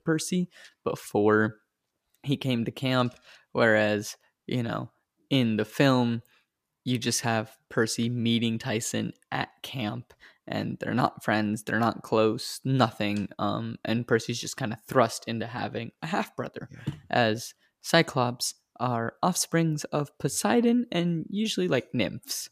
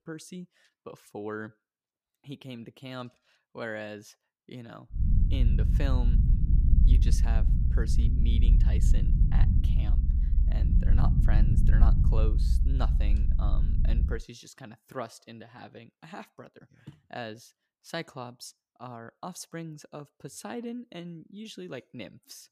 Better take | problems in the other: first | low rumble; loud; from 5 to 14 s; 2 dB below the speech

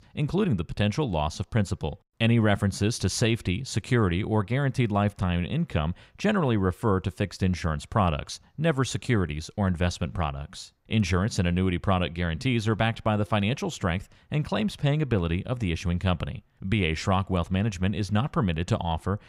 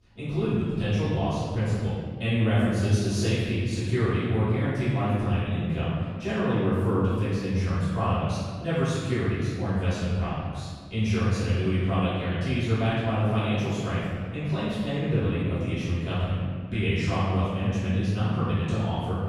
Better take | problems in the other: first | off-mic speech; far // room echo; strong; dies away in 1.7 s

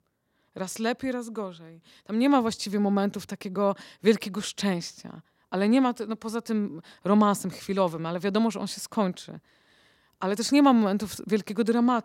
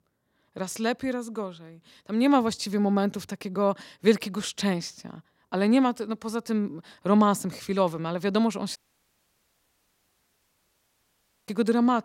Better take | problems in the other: first | audio cutting out; at 9 s for 2.5 s

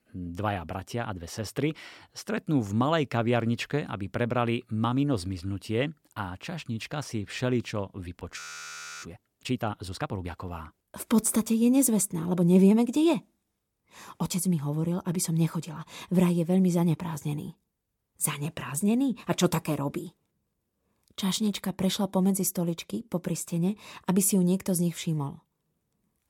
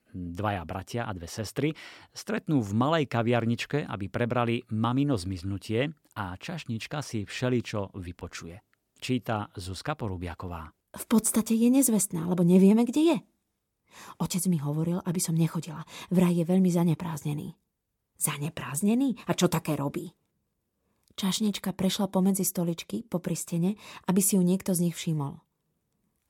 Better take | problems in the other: second | audio freezing; at 8.5 s for 0.5 s

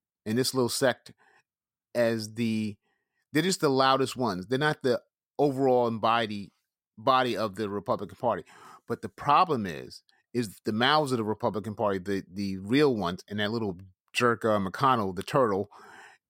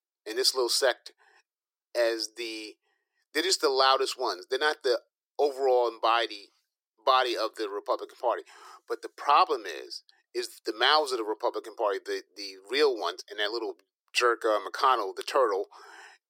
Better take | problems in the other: first | thin; very; fading below 350 Hz

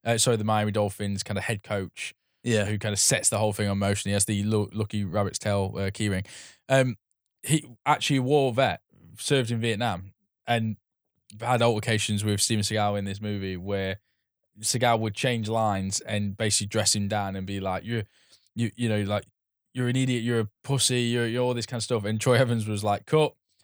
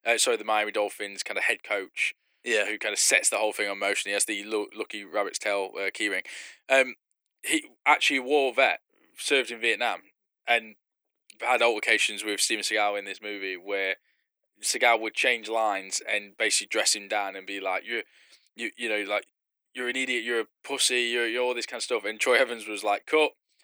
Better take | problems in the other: first | thin; very; fading below 300 Hz

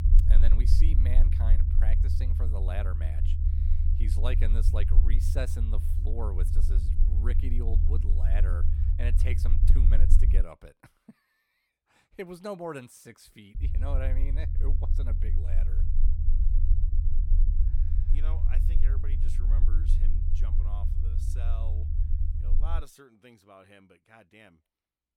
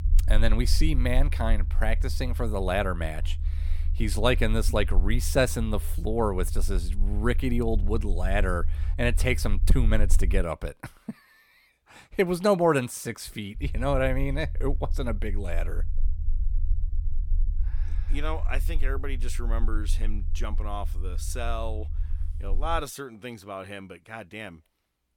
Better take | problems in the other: second | low rumble; loud; until 10 s and from 14 to 23 s; 4 dB below the speech; faint in the second

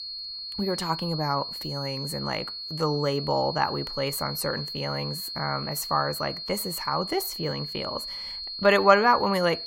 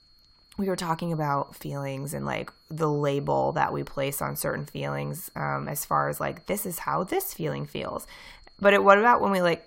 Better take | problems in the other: second | high-pitched whine; loud; throughout; 4.5 kHz, 6 dB below the speech; faint in the second

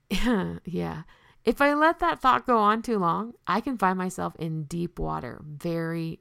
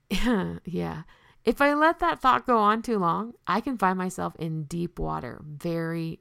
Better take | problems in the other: neither | none

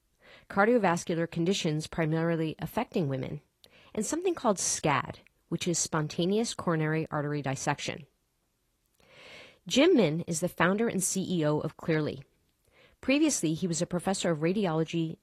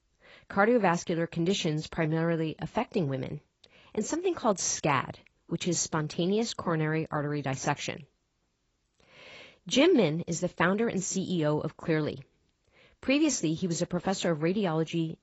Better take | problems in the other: first | garbled, watery; badly; nothing above 7.5 kHz; slightly in the first

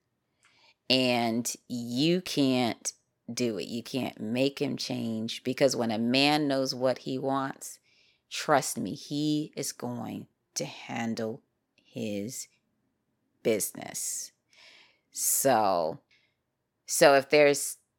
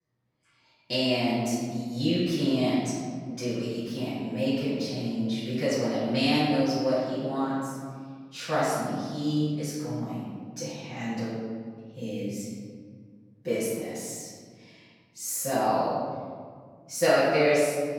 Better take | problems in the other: first | off-mic speech; far // room echo; strong; dies away in 2 s

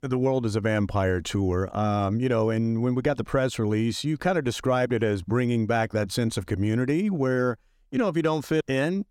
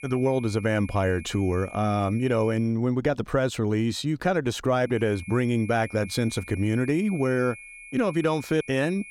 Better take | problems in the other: first | high-pitched whine; noticeable; until 2.5 s and from 5 s on; 2.5 kHz, 15 dB below the speech

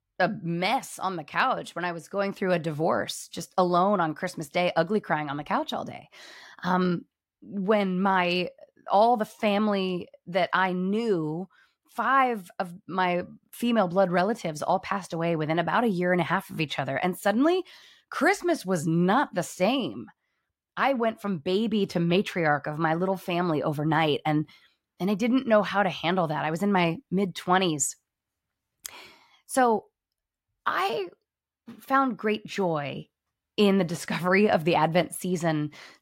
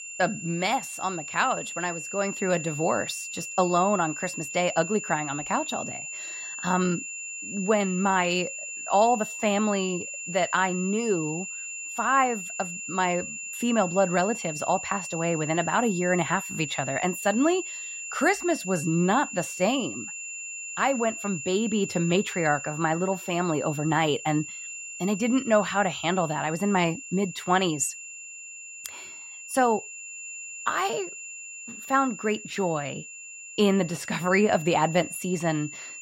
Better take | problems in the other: first | high-pitched whine; loud; throughout; 2.5 kHz, 8 dB below the speech

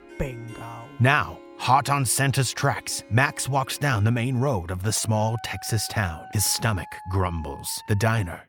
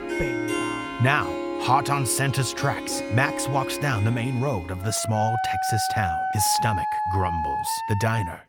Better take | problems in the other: first | background music; loud; throughout; 3 dB below the speech; faint in the first

